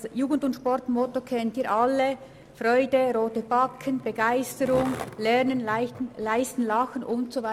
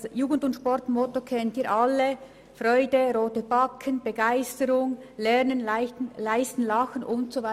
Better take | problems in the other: second | background sound (Skateboard); 18 dB below the speech

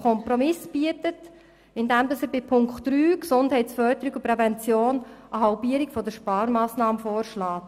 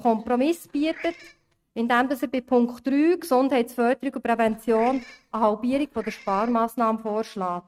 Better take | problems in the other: first | noise reduction (neural mask model RNNoise)

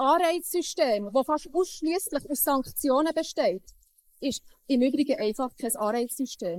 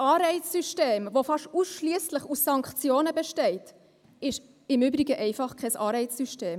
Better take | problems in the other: second | noise reduction (neural mask model Resemble Enhance denoiser)

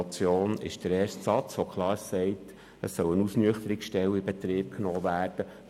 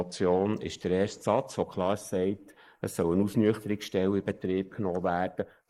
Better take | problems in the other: first | noise reduction (neural mask model Resemble Enhance denoiser)

